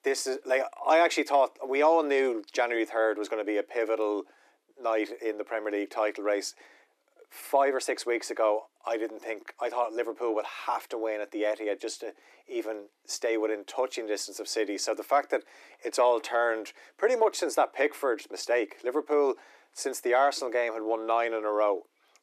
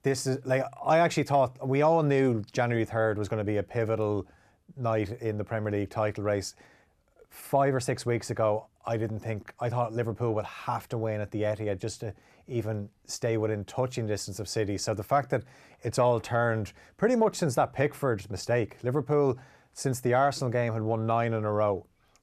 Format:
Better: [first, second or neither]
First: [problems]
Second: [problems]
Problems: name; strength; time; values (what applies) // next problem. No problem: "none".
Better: second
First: thin; very; fading below 300 Hz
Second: none